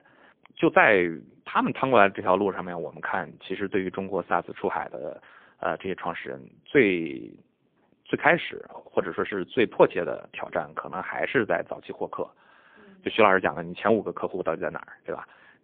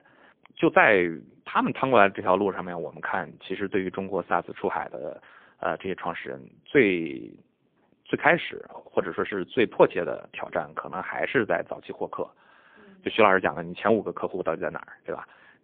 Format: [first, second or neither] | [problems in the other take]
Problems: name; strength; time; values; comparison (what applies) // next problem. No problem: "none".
neither | phone-call audio; poor line; the same in both